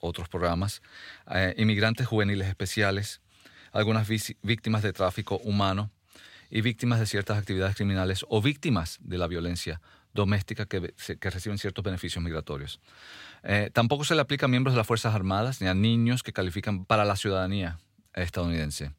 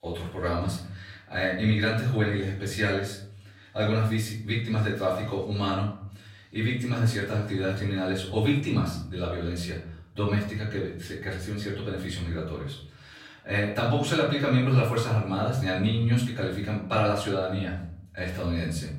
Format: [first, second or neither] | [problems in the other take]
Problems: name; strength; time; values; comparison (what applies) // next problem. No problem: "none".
first | off-mic speech; far // room echo; noticeable; dies away in 0.6 s